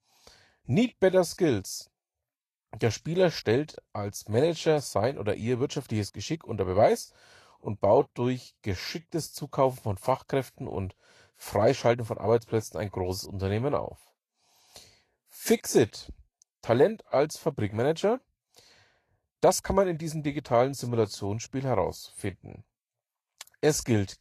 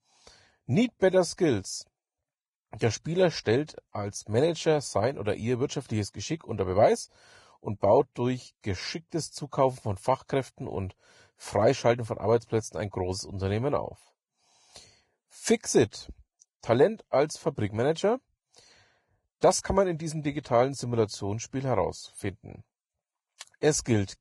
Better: first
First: garbled, watery; slightly; nothing above 13.5 kHz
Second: garbled, watery; badly; nothing above 10.5 kHz

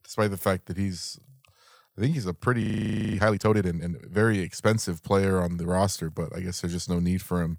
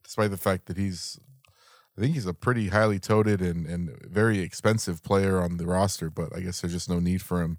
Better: second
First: audio freezing; at 2.5 s for 0.5 s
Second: none

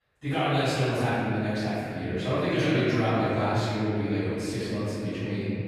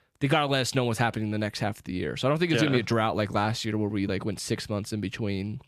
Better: second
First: off-mic speech; far // room echo; strong; dies away in 2.4 s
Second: none

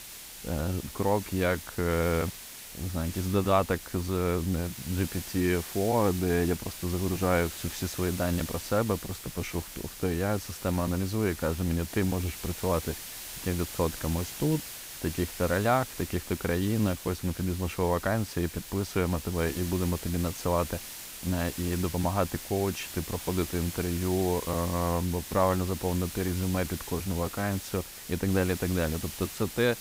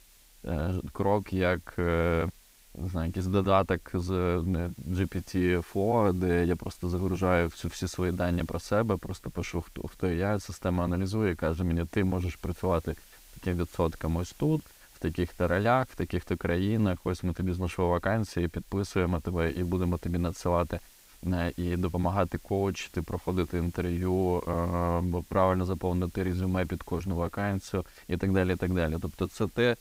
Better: second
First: hiss; loud; throughout; 9 dB below the speech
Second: hiss; faint; throughout; 25 dB below the speech

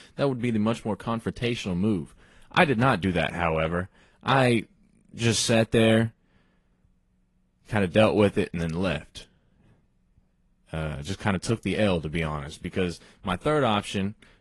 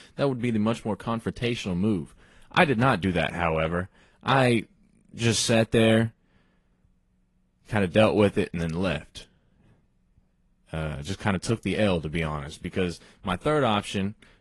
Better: neither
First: garbled, watery; slightly; nothing above 11.5 kHz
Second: garbled, watery; slightly; nothing above 11.5 kHz

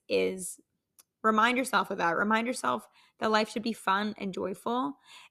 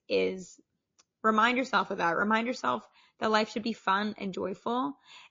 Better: first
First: none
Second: garbled, watery; slightly

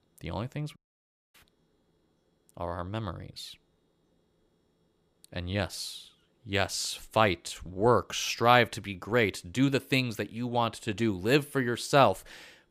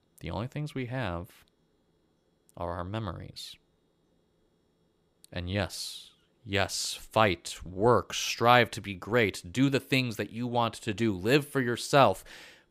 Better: second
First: audio cutting out; at 1 s for 0.5 s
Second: none

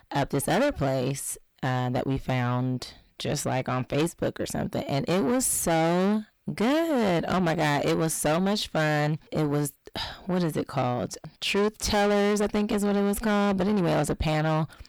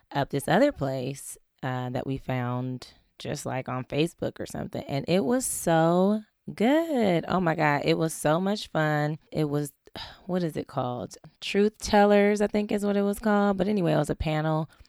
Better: second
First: distortion; heavy; 6 dB below the speech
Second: none

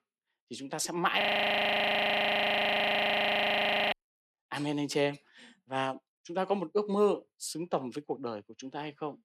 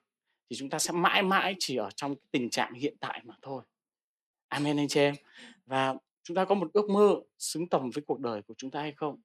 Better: second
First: audio freezing; at 1 s for 2.5 s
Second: none

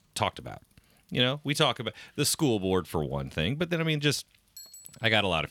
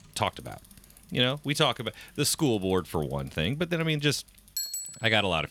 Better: first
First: traffic noise; faint; throughout; 20 dB below the speech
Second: traffic noise; loud; throughout; 9 dB below the speech

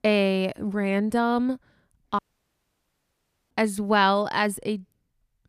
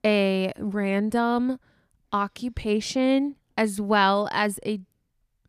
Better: second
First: audio cutting out; at 2 s for 1.5 s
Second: none

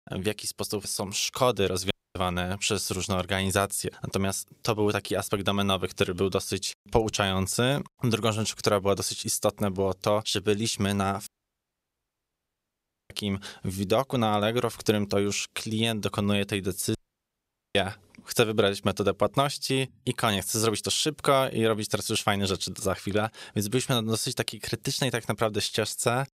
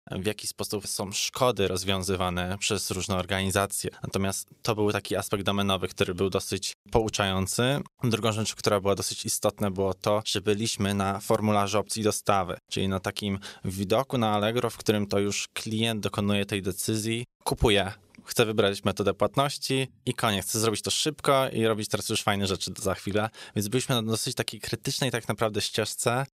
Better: second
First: audio cutting out; at 2 s, at 11 s for 2 s and at 17 s for 1 s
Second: none

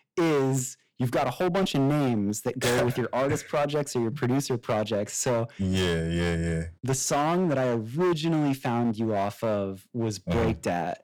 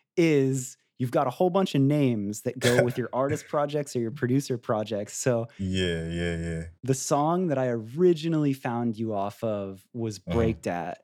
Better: second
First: distortion; heavy; 17% of the sound clipped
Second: none

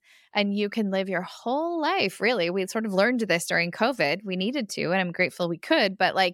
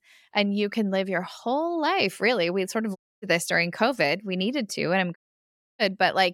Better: first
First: none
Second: audio cutting out; at 3 s and at 5 s for 0.5 s

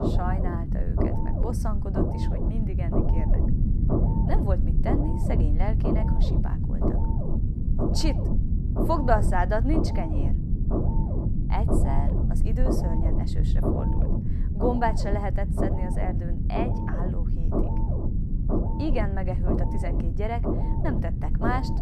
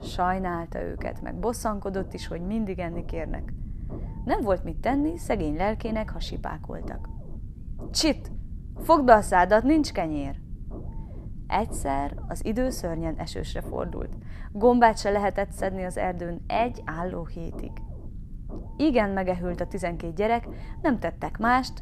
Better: second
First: low rumble; loud; throughout; 3 dB below the speech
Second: low rumble; faint; throughout; 25 dB below the speech

